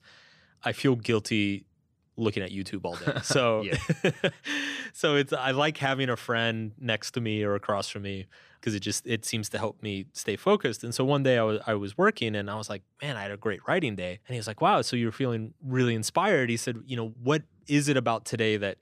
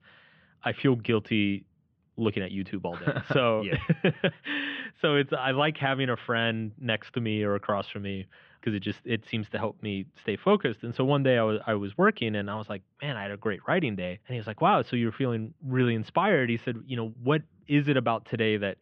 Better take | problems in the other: first | muffled; very; fading above 3 kHz

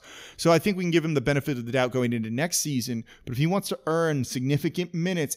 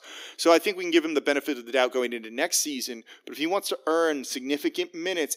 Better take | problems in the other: first | thin; somewhat; fading below 300 Hz

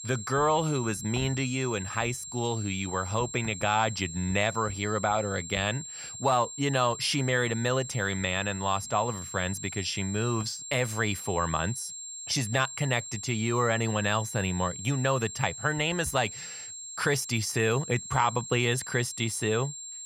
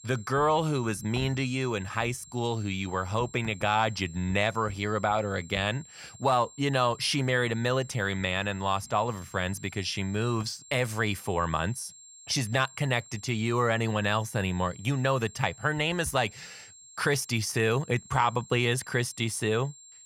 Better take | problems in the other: second | high-pitched whine; loud; throughout; 7.5 kHz, 9 dB below the speech; faint in the second

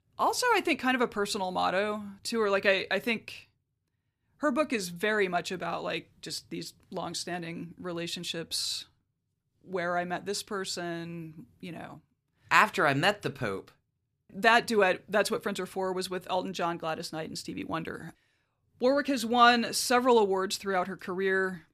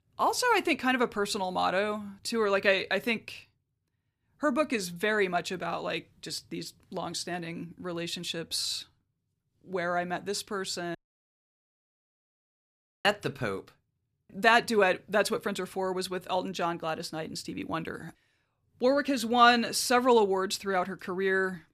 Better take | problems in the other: first | audio cutting out; at 11 s for 2 s

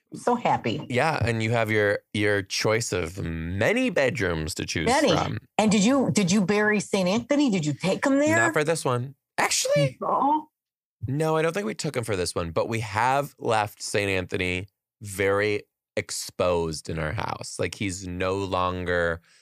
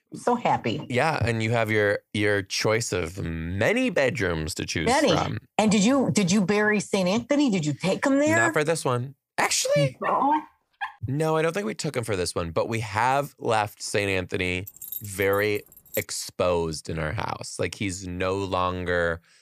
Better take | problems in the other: first | dog barking; noticeable; at 10 s; peak 8 dB below the speech // jangling keys; noticeable; from 15 to 16 s; peak 10 dB below the speech

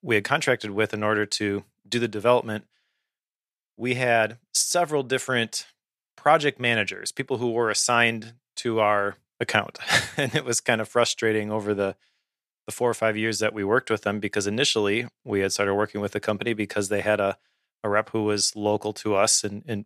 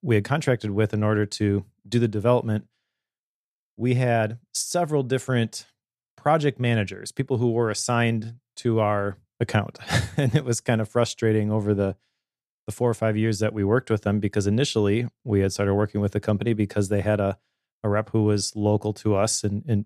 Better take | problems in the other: second | thin; somewhat; fading below 700 Hz

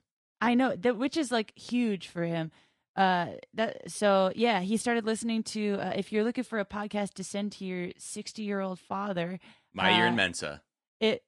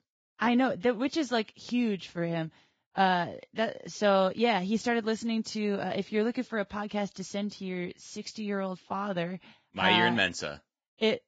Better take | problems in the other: first | garbled, watery; badly; nothing above 7.5 kHz; slightly in the first

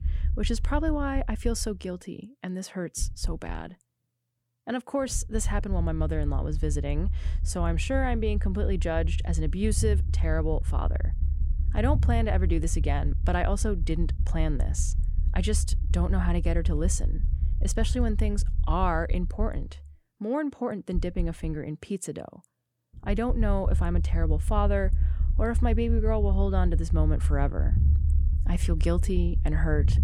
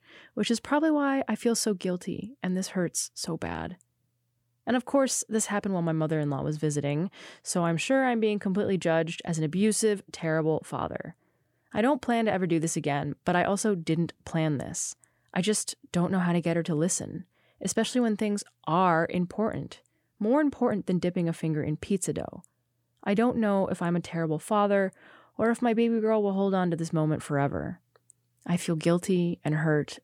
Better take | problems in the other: second | low rumble; noticeable; throughout; 15 dB below the speech

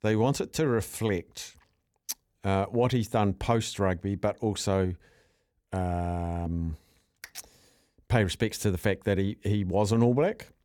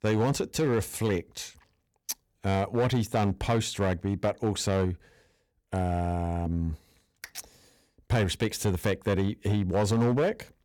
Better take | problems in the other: first | distortion; slight; 6% of the sound clipped

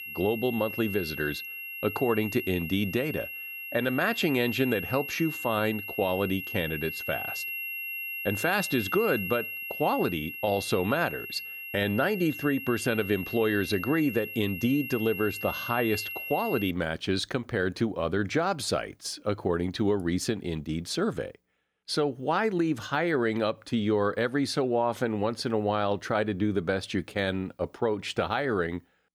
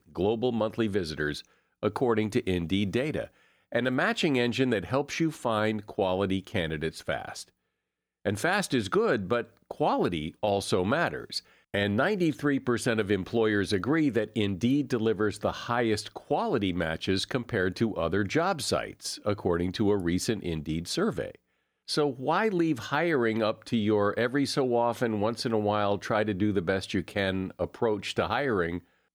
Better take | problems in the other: second | high-pitched whine; loud; until 17 s; 2.5 kHz, 6 dB below the speech

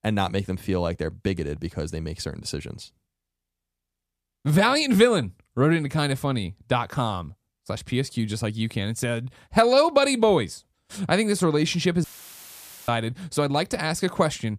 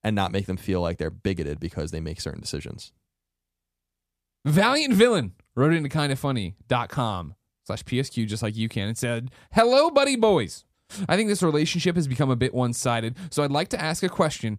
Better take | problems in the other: second | audio cutting out; filled with static; at 12 s for 1 s

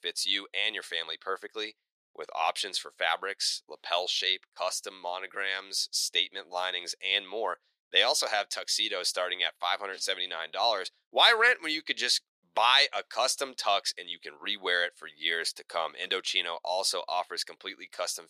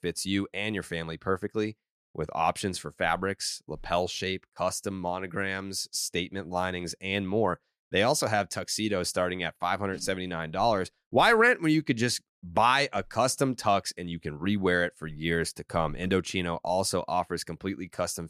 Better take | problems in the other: second | thin; very; fading below 500 Hz

